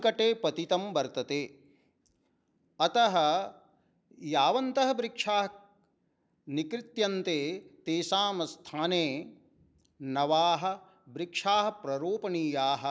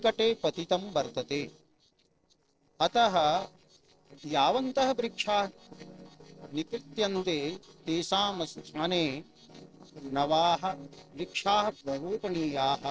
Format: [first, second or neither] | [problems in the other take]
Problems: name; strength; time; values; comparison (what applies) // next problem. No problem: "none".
first | noise reduction (neural separator model SepFormer DNS4)